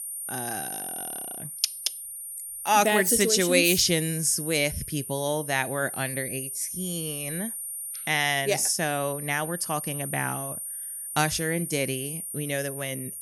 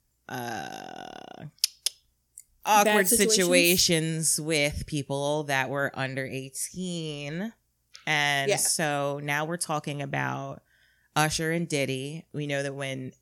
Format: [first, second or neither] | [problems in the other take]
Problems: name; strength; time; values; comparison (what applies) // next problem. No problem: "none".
second | high-pitched whine; loud; throughout; 9.5 kHz, 7 dB below the speech